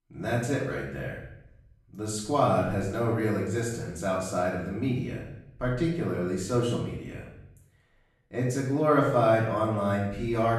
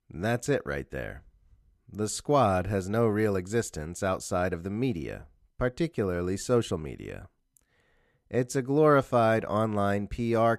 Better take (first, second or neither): second